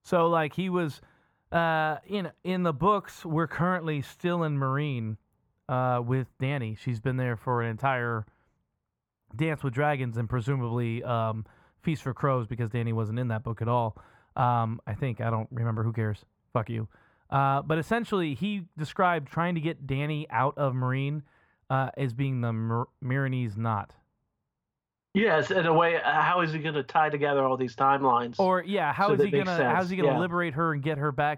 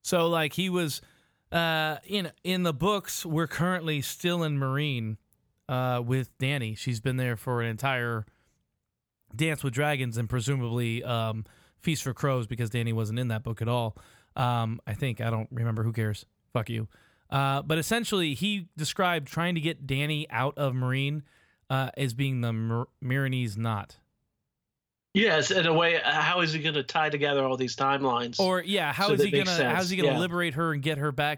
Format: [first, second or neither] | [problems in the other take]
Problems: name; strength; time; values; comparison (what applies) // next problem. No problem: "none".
second | muffled; very; fading above 3 kHz